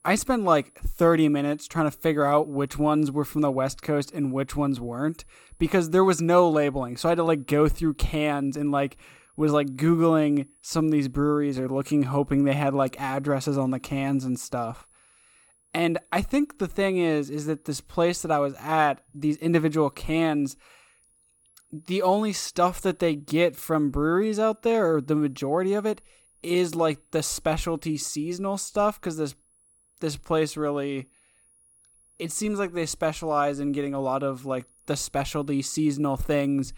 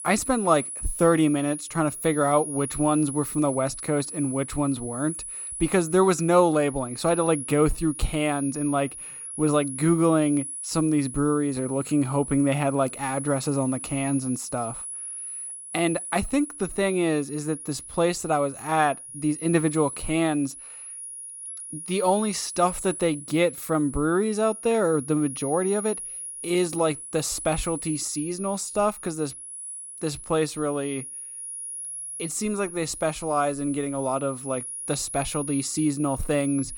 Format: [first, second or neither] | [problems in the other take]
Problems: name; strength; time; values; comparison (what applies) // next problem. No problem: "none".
first | high-pitched whine; loud; throughout; 10.5 kHz, 9 dB below the speech; faint in the first